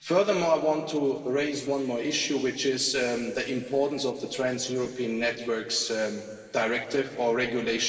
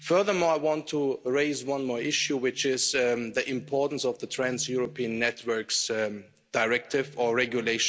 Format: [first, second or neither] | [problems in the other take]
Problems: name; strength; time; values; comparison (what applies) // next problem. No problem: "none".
second | room echo; dies away in 2.6 s